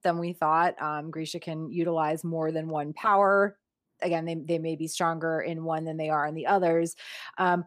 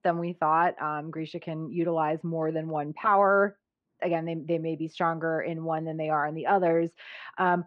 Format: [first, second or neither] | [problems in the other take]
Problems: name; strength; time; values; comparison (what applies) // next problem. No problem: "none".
first | muffled; very; fading above 3 kHz